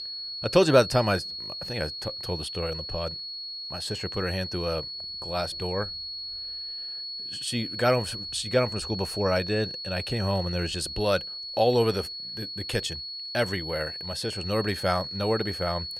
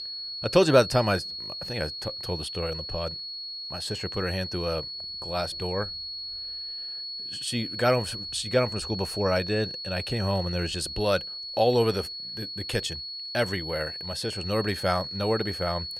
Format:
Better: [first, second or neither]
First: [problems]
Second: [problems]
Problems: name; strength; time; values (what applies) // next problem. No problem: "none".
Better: neither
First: high-pitched whine; loud; throughout; 4.5 kHz, 5 dB below the speech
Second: high-pitched whine; loud; throughout; 4.5 kHz, 5 dB below the speech